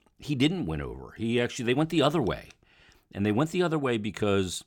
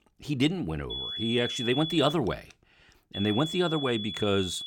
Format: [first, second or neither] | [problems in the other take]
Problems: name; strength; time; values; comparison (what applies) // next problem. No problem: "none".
first | high-pitched whine; loud; from 1 to 2 s and from 3 s on; 3.5 kHz, 5 dB below the speech